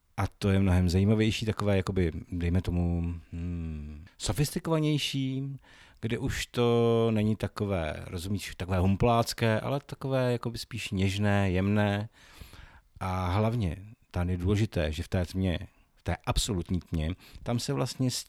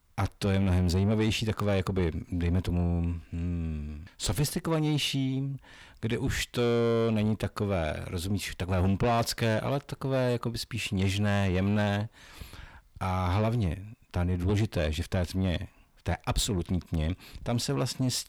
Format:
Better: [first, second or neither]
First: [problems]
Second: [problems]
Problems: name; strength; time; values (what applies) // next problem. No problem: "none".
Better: first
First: none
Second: distortion; slight; 10 dB below the speech